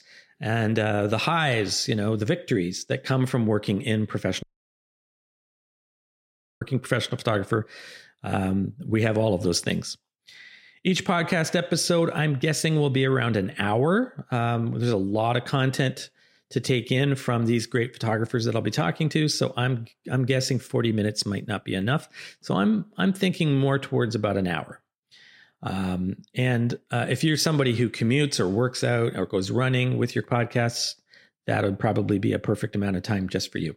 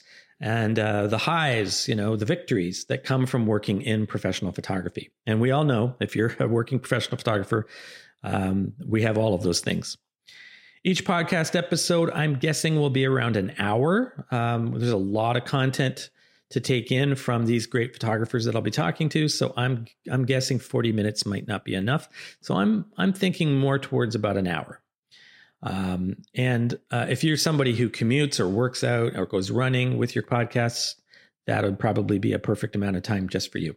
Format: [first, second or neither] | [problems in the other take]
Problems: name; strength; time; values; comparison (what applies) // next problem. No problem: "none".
second | audio cutting out; at 4.5 s for 2 s